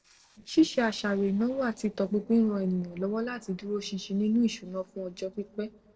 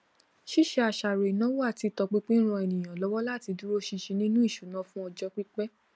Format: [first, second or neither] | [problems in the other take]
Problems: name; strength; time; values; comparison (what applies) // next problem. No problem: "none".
second | noise reduction (neural separator model SepFormer DNS4)